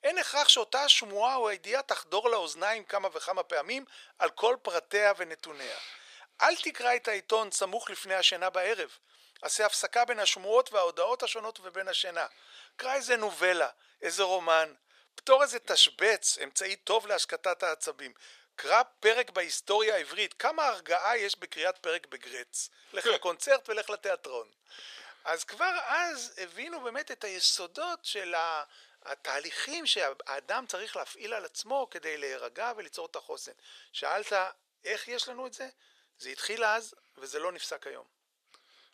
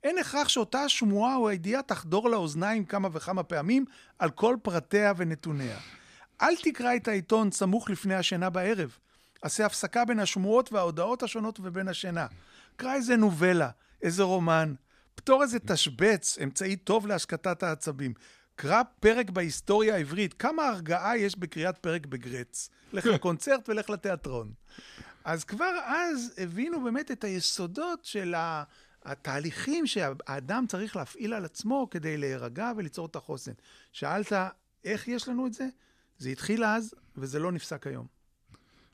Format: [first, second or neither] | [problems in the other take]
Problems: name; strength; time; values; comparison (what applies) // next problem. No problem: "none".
second | thin; very; fading below 500 Hz